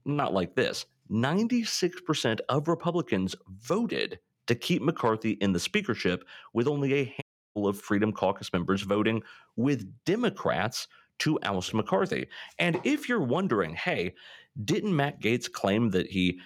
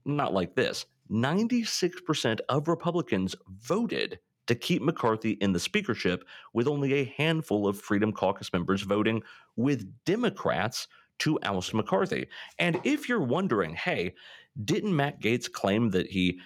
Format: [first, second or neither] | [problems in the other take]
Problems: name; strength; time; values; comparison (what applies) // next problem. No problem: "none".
second | audio cutting out; at 7 s